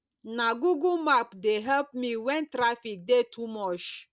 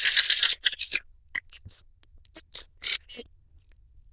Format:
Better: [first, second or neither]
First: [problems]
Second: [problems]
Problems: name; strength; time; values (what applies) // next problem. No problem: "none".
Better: first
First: none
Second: noise reduction (neural diffusion model UNIVERSE++)